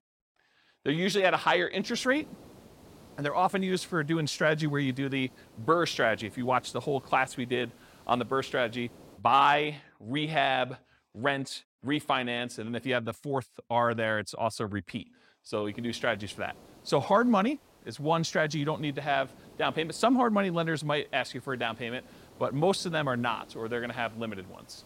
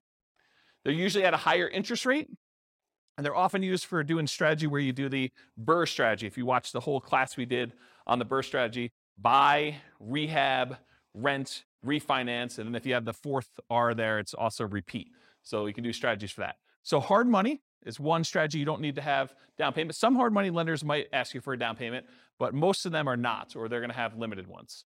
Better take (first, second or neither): second